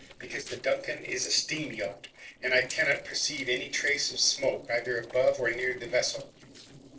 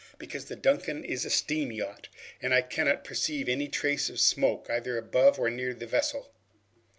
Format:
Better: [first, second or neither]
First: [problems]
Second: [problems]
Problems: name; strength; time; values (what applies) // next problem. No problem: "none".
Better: second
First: noise reduction (neural separator model SepFormer DNS4)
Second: none